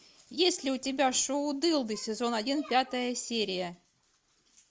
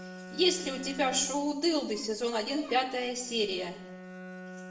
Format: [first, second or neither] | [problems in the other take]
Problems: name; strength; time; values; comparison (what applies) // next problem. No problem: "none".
first | background sound (Bowed string instrument); 15 dB below the speech // room echo; dies away in 0.7 s